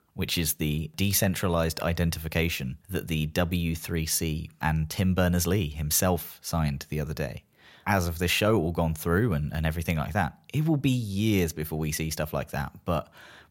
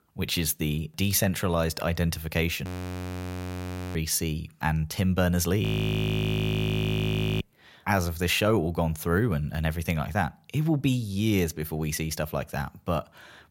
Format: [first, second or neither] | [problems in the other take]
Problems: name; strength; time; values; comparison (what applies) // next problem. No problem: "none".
first | audio freezing; at 2.5 s for 1.5 s and at 5.5 s for 2 s